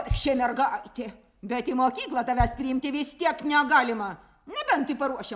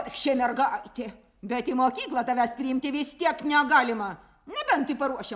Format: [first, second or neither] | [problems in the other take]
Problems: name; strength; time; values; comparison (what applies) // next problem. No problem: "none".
second | background sound (Bass drum); 10 dB below the speech